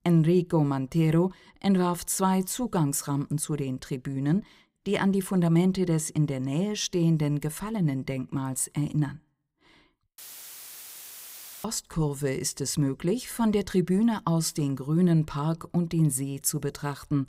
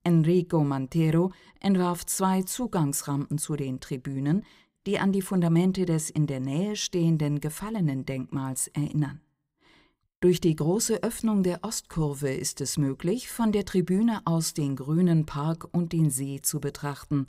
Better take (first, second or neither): second